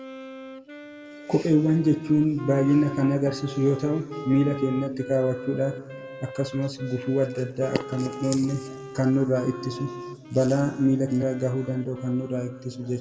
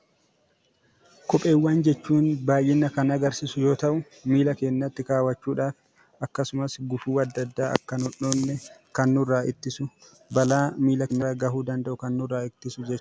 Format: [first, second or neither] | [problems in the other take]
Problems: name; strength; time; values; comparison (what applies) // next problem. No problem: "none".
second | background sound (Wind instrument, woodwind instrument); 14 dB below the speech // room echo; dies away in 1.2 s